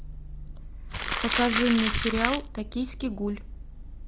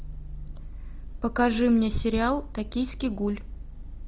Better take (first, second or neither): second